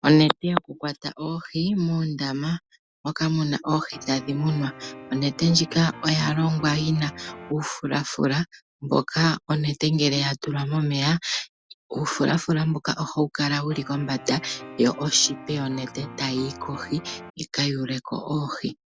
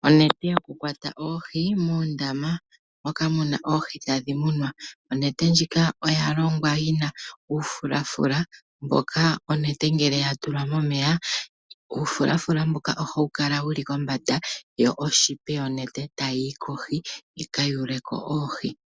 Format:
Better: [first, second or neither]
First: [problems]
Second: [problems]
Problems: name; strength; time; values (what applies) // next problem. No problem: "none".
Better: second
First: background sound (Piano); 16 dB below the speech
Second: none